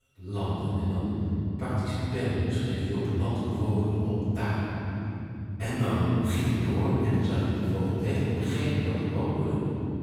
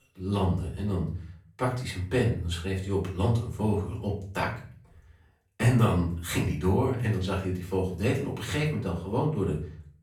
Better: second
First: room echo; strong; dies away in 3 s // off-mic speech; far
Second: room echo; slight; dies away in 0.4 s // off-mic speech; far

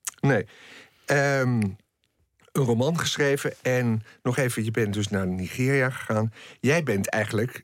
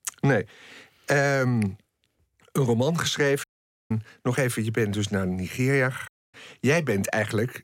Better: first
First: none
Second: audio cutting out; at 3.5 s and at 6 s

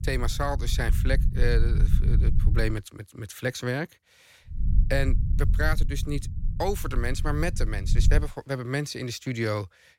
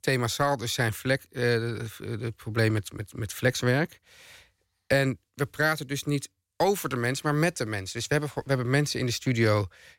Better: second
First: low rumble; noticeable; until 2.5 s and from 4.5 to 8 s; 15 dB below the speech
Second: none

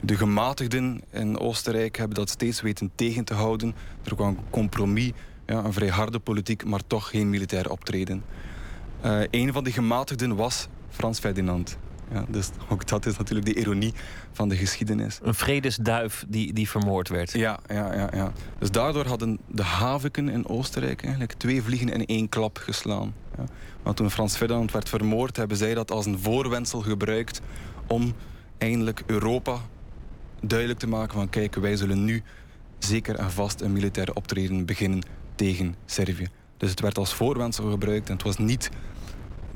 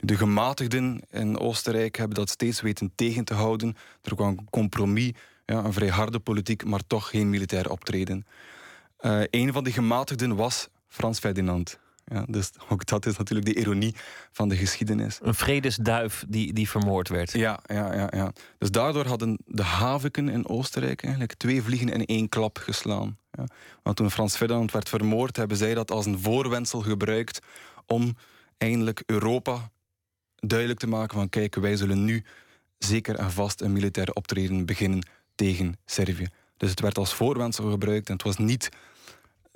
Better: second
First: wind noise on the microphone; occasional gusts; 25 dB below the speech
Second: none

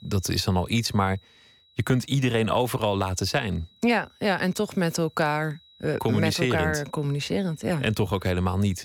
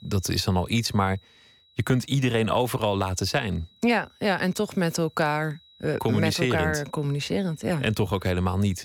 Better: neither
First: high-pitched whine; faint; throughout; 4 kHz, 30 dB below the speech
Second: high-pitched whine; faint; throughout; 4 kHz, 30 dB below the speech

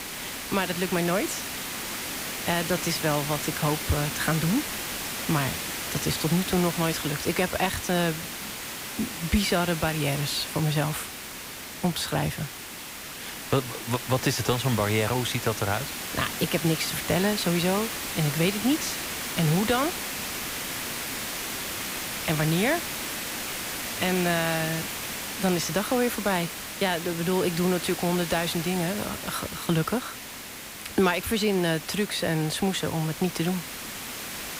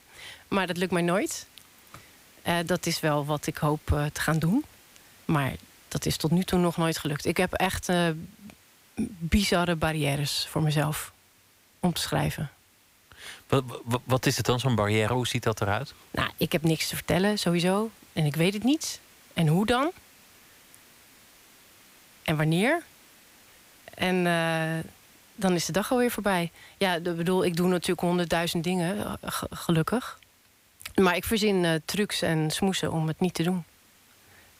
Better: second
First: hiss; loud; throughout; 5 dB below the speech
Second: hiss; faint; throughout; 30 dB below the speech

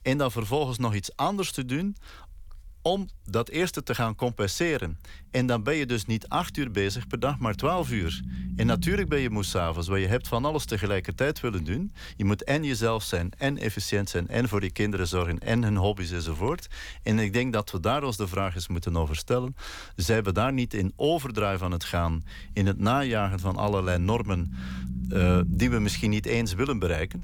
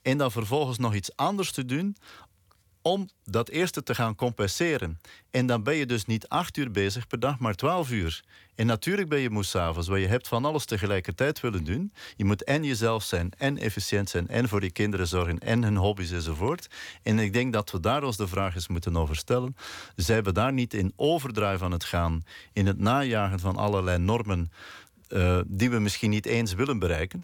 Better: second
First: low rumble; noticeable; throughout; 15 dB below the speech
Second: none

